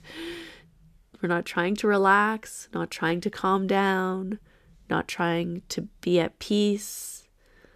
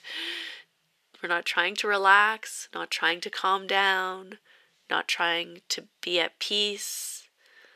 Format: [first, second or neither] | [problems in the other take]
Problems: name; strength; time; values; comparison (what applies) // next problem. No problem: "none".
first | thin; very; fading below 600 Hz